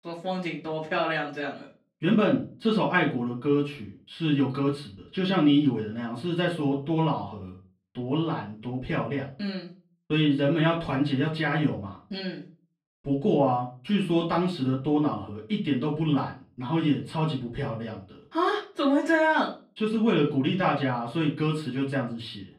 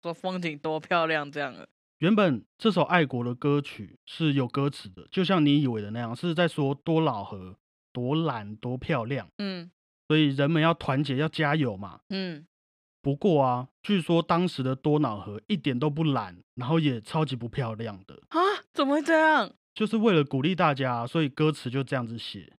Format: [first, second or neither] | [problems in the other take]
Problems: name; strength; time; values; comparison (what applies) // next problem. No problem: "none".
second | off-mic speech; far // room echo; slight; dies away in 0.3 s